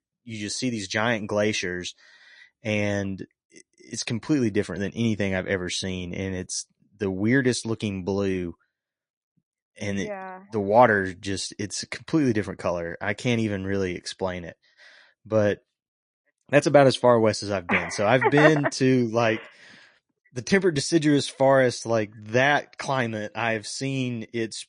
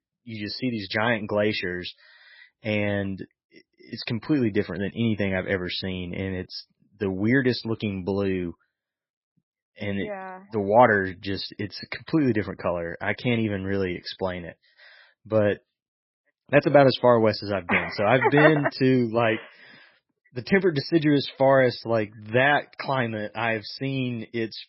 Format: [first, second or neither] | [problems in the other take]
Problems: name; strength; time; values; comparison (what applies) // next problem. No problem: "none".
first | garbled, watery; badly; nothing above 5.5 kHz; slightly in the first